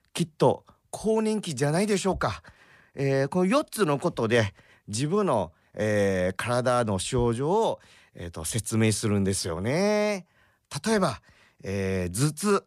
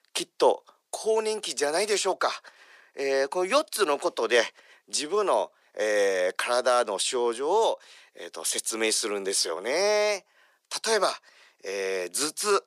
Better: first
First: none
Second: thin; very; fading below 350 Hz

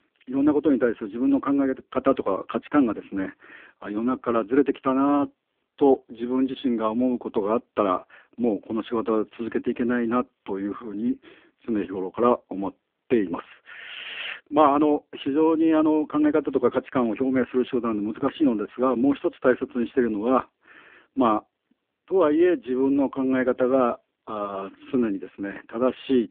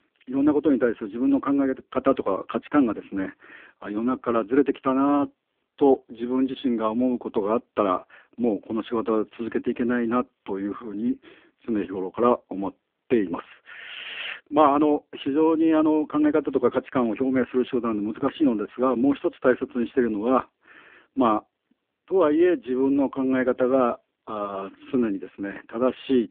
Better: neither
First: phone-call audio; poor line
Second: phone-call audio; poor line

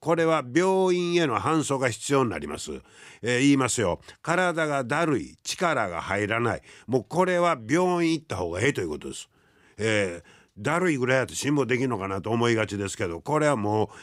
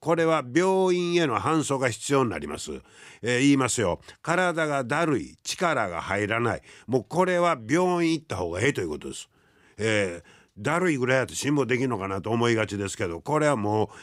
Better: neither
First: none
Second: none

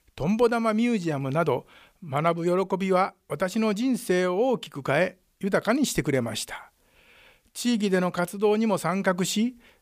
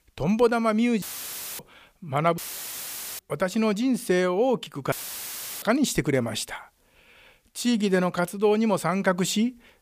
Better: first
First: none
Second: audio cutting out; filled with static; at 1 s for 0.5 s, at 2.5 s for 1 s and at 5 s for 0.5 s

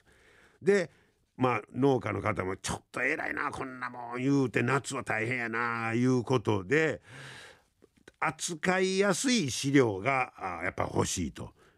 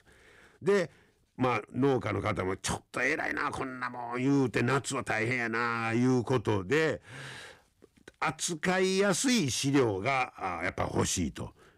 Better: first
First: none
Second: distortion; slight; 10 dB below the speech

